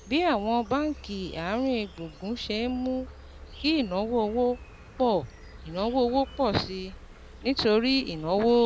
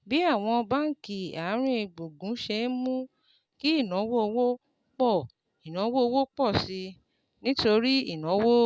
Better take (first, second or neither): second